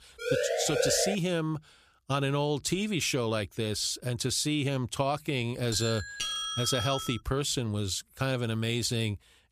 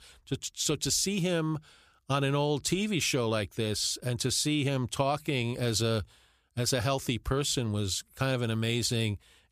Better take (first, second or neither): second